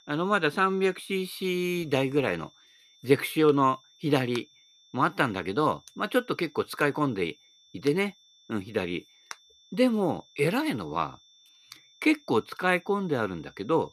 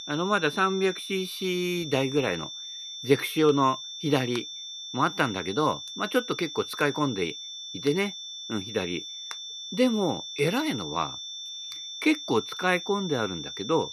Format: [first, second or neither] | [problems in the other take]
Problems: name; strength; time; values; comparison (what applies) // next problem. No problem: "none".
first | high-pitched whine; loud; throughout; 3.5 kHz, 8 dB below the speech; faint in the first